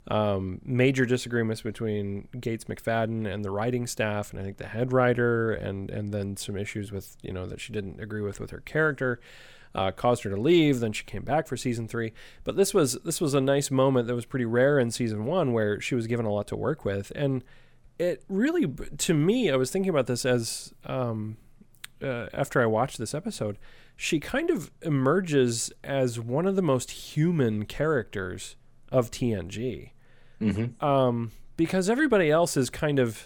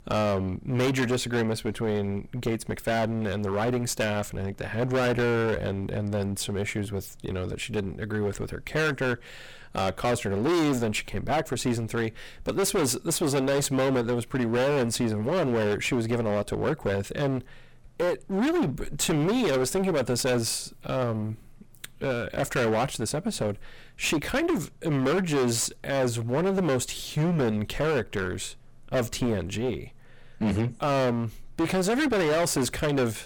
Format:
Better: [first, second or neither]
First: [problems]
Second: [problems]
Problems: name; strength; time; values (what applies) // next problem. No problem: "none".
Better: first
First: none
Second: distortion; heavy; 19% of the sound clipped